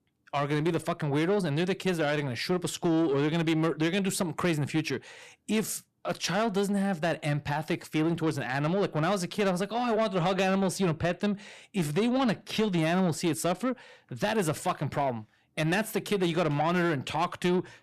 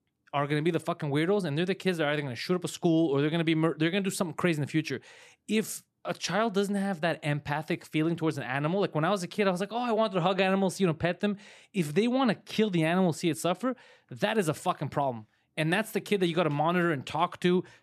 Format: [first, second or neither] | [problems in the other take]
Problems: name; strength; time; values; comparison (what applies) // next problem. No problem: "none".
second | distortion; slight; 10 dB below the speech